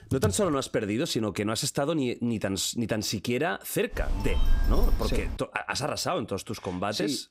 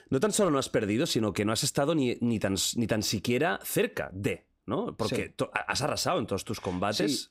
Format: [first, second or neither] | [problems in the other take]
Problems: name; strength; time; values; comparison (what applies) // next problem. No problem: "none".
second | keyboard typing; noticeable; at the start; peak 4 dB below the speech // phone ringing; loud; from 4 to 5.5 s; peak level with the speech